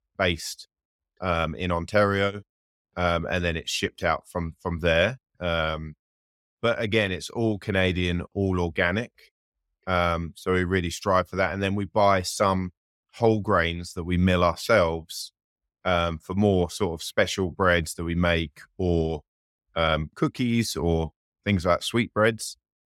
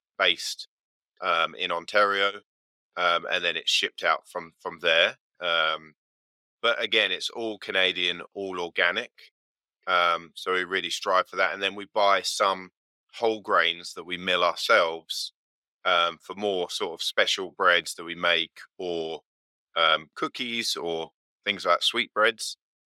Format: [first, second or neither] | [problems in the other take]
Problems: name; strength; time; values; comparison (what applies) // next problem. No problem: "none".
first | thin; very; fading below 450 Hz